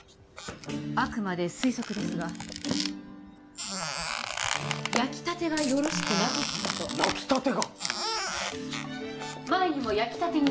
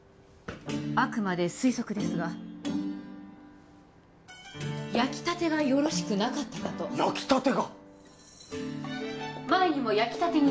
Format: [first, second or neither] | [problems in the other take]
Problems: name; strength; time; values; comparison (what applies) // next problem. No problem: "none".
second | background sound (Coin (dropping) + Squeak); 4 dB below the speech